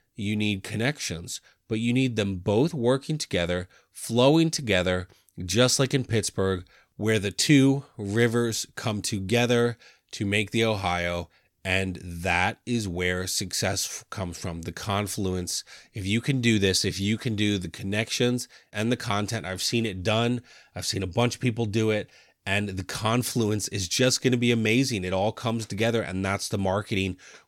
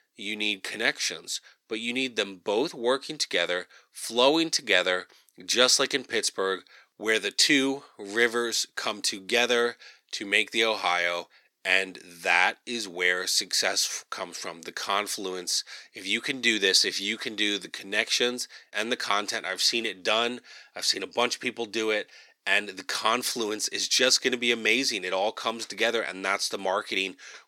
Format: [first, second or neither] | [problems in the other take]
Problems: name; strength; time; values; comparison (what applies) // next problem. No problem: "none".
first | thin; somewhat; fading below 300 Hz